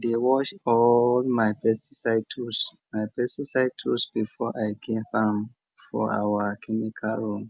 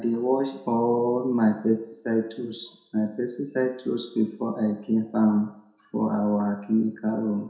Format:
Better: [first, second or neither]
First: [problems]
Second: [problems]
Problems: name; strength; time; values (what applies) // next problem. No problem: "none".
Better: first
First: none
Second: room echo; dies away in 0.6 s